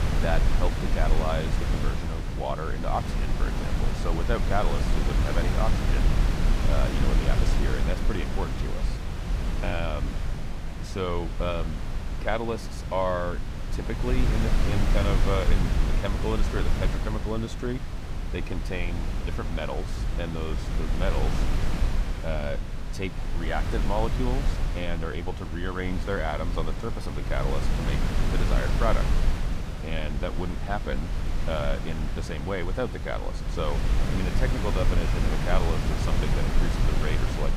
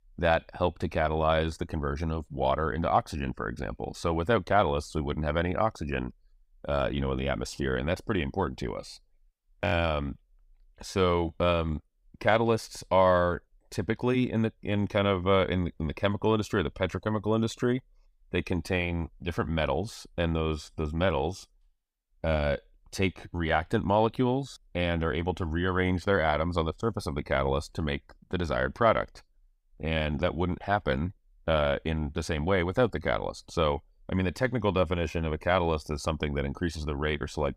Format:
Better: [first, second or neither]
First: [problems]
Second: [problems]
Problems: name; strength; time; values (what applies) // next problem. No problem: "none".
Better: second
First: wind noise on the microphone; heavy; 3 dB below the speech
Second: none